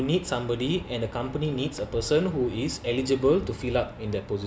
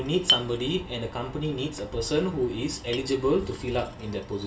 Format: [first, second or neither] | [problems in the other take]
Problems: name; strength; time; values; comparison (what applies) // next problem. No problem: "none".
first | background sound (Chink, clink); 5 dB below the speech // room echo; dies away in 0.2 s